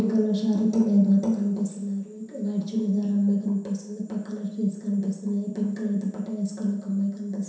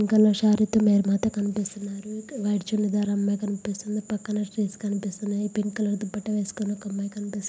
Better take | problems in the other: second | room echo; dies away in 0.7 s

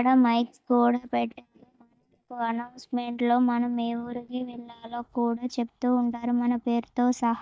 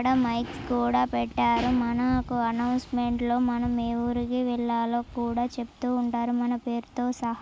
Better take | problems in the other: second | noise reduction (neural mask model DeepFilterNet 3)

